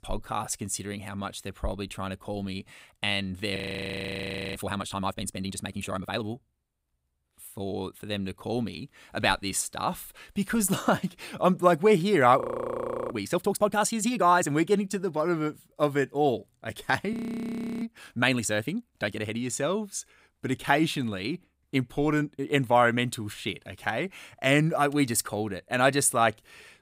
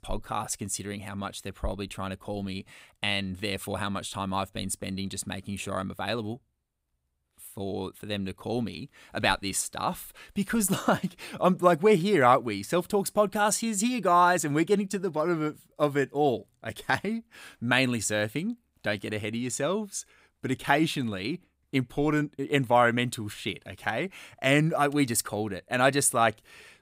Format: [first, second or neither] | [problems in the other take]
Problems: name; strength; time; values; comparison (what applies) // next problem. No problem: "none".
second | audio freezing; at 3.5 s for 1 s, at 12 s for 0.5 s and at 17 s for 0.5 s